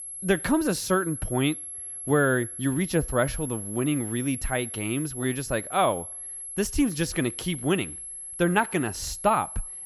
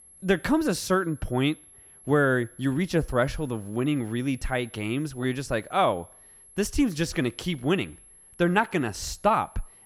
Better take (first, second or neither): second